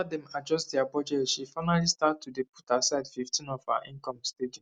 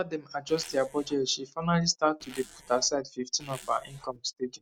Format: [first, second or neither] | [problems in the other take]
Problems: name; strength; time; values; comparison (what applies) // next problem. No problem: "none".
first | background sound (Zipper (clothing)); 19 dB below the speech